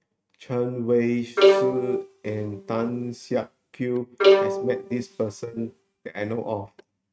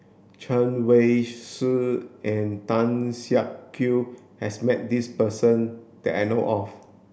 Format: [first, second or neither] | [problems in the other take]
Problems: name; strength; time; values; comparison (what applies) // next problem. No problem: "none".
second | noise reduction (neural mask model RNNoise)